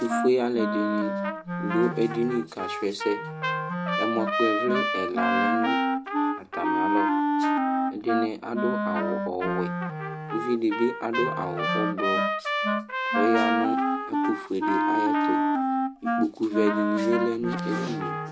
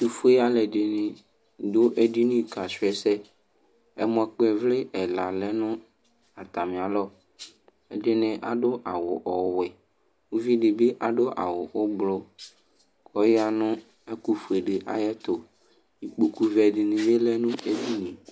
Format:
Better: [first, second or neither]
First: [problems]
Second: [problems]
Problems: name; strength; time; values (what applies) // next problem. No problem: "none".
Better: second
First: background sound (Wind instrument, woodwind instrument + Trumpet); 2 dB above the speech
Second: none